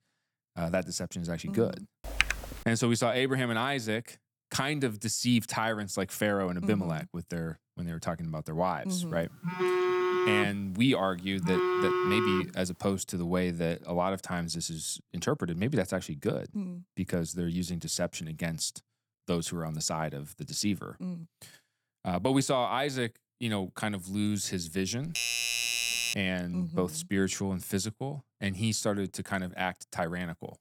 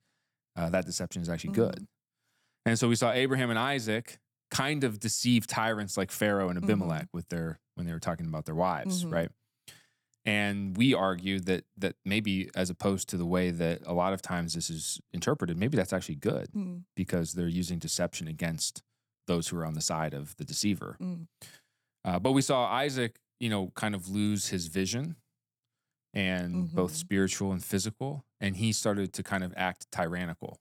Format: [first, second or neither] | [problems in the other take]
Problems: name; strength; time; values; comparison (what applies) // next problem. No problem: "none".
second | keyboard typing; loud; at 2 s; peak 3 dB above the speech // phone ringing; loud; from 9.5 to 13 s; peak 4 dB above the speech // doorbell; loud; from 25 to 26 s; peak 4 dB above the speech